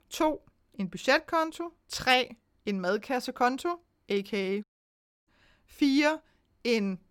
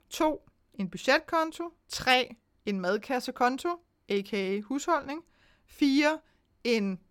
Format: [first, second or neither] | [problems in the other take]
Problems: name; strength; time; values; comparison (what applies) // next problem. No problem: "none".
second | audio cutting out; at 4.5 s for 0.5 s